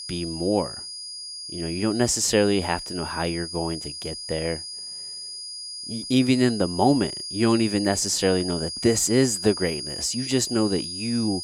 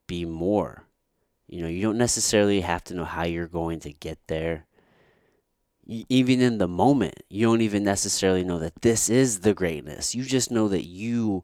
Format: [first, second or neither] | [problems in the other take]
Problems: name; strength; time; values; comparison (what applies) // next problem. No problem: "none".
second | high-pitched whine; loud; throughout; 5 kHz, 8 dB below the speech